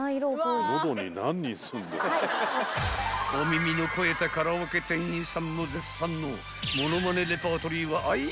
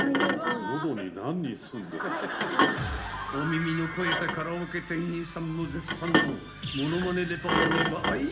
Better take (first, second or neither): first